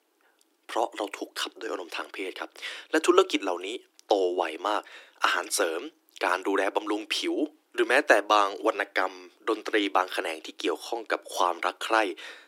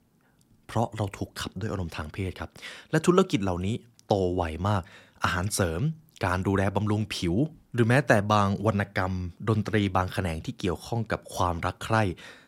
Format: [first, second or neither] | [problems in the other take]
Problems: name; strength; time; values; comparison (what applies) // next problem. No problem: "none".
second | thin; very; fading below 300 Hz